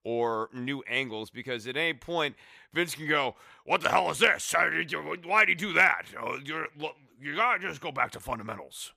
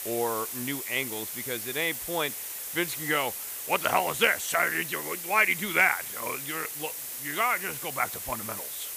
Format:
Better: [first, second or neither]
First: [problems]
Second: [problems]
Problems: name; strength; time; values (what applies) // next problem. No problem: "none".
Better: first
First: none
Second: hiss; loud; throughout; 6 dB below the speech